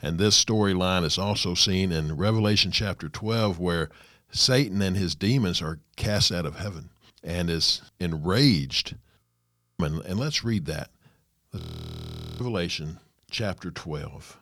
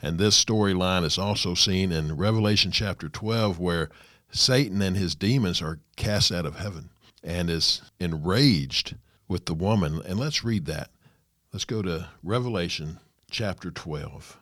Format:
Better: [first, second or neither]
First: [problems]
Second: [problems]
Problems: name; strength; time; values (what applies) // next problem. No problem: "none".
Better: second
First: audio freezing; at 9 s for 0.5 s and at 12 s for 1 s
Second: none